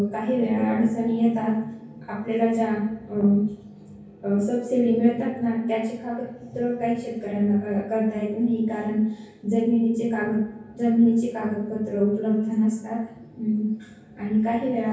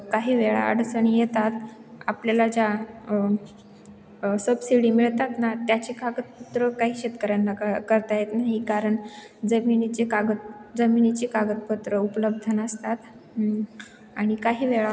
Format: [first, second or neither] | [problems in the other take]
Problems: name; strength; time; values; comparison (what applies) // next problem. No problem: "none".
second | background sound (Brass instrument); 20 dB below the speech // room echo; dies away in 0.6 s